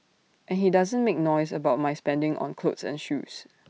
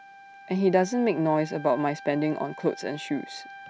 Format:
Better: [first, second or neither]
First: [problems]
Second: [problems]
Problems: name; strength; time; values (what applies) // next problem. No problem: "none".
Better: first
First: none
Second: background sound (Wind instrument, woodwind instrument); 18 dB below the speech